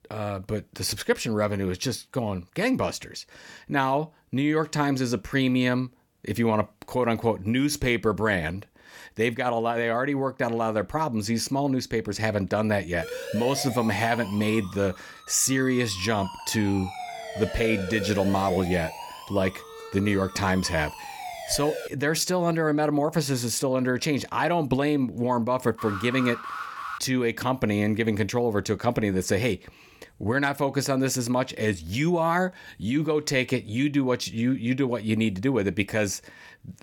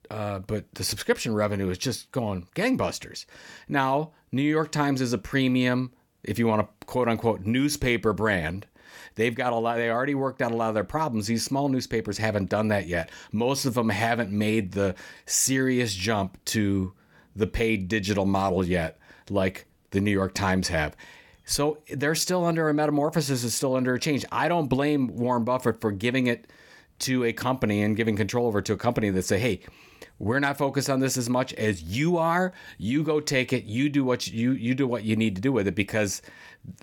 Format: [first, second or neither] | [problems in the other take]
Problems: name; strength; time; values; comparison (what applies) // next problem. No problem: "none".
second | siren; noticeable; from 13 to 22 s; peak 7 dB below the speech // alarm; noticeable; from 26 to 27 s; peak 8 dB below the speech